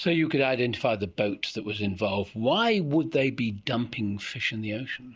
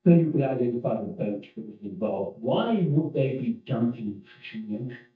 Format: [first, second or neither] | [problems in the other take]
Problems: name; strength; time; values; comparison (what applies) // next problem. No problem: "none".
first | noise reduction (neural mask model DeepFilterNet 3)